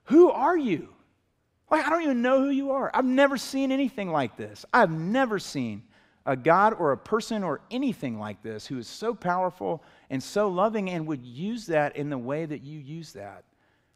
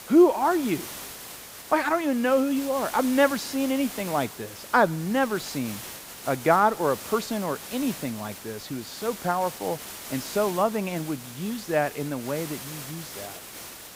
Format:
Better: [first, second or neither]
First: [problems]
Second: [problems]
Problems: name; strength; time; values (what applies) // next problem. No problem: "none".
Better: first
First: none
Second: hiss; noticeable; throughout; 10 dB below the speech